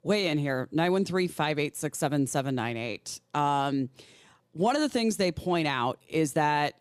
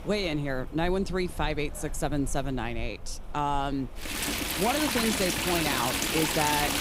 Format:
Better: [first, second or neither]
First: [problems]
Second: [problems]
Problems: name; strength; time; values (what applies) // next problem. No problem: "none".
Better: first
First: none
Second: rain or running water; very loud; throughout; 1 dB above the speech